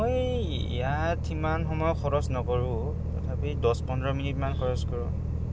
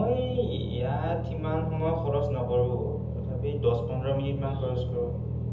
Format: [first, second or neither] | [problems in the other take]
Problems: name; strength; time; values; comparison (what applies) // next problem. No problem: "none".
first | room echo; dies away in 0.7 s